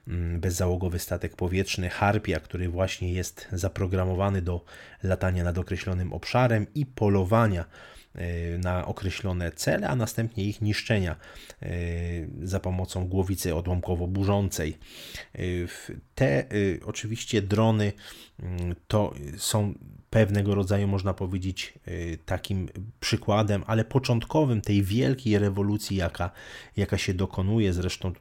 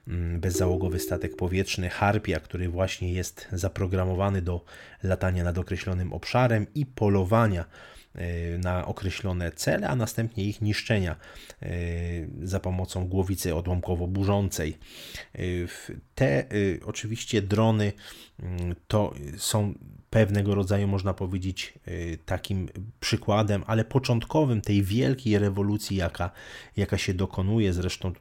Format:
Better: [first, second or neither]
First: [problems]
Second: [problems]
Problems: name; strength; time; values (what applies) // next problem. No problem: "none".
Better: first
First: none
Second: phone ringing; noticeable; at 0.5 s; peak 4 dB below the speech